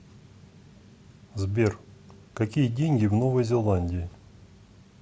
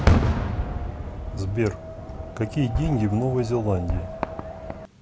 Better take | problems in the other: first | background sound (Fireworks); 1 dB above the speech

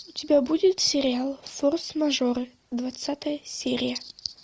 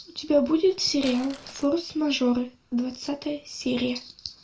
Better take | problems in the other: first | background sound (Crumpling, crinkling); 20 dB below the speech // room echo; dies away in 0.2 s

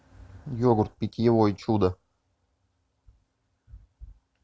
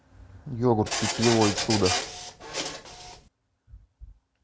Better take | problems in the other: first | background sound (Printer); 2 dB below the speech

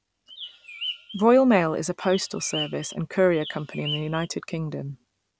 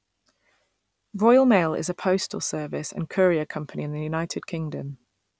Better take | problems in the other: second | background sound (Bird); 12 dB below the speech

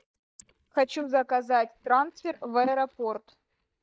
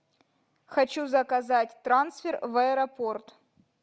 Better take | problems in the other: second | noise reduction (neural mask model DeepFilterNet 3)

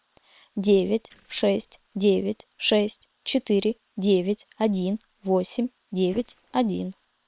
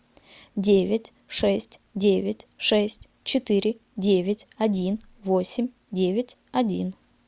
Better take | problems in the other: second | noise reduction (neural separator model SepFormer WHAM!)

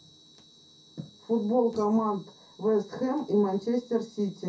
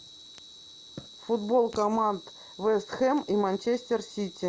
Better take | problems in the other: second | room echo; dies away in 0.3 s

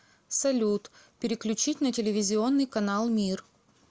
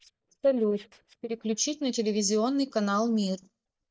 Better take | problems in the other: first | noise reduction (neural mask model DeepFilterNet 3)

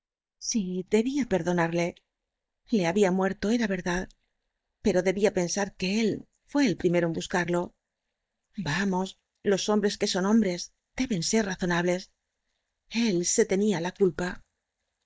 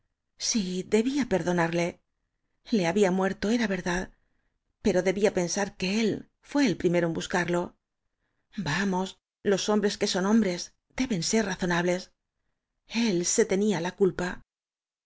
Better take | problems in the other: second | noise reduction (neural mask model DeepFilterNet 3)

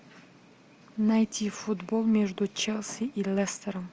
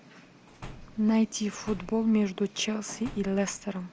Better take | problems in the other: first | background sound (Slam); 18 dB below the speech

